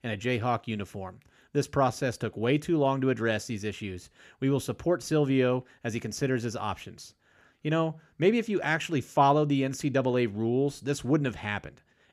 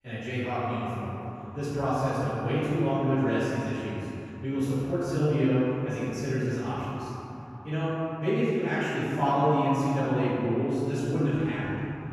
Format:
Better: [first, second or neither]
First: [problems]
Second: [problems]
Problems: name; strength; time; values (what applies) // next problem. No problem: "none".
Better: first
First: none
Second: off-mic speech; far // room echo; strong; dies away in 3 s